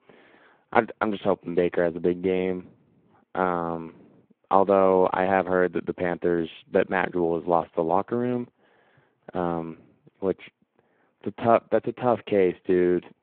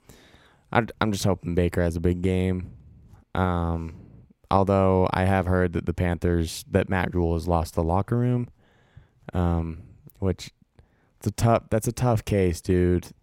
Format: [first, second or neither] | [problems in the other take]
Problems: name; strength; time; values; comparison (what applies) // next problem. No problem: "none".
second | phone-call audio; nothing above 3.5 kHz